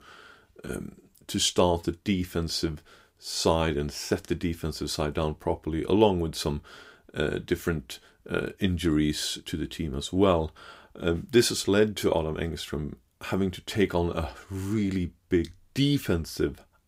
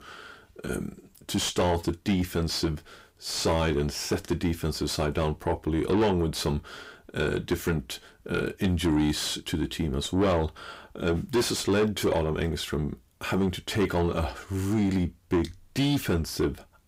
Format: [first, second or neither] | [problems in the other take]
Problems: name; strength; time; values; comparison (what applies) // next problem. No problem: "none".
first | distortion; heavy; 8 dB below the speech